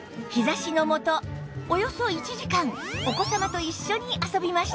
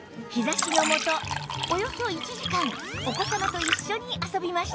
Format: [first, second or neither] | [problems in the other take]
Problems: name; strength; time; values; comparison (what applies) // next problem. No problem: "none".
first | background sound (Fill (with liquid)); 1 dB below the speech